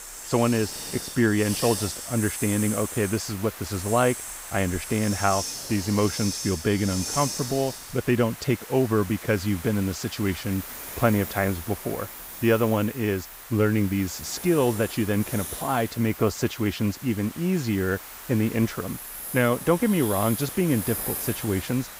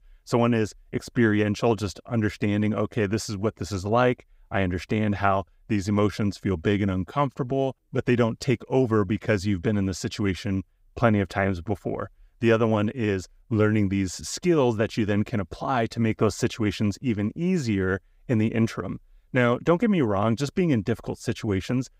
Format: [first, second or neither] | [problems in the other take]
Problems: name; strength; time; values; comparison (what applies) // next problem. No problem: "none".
second | hiss; loud; throughout; 8 dB below the speech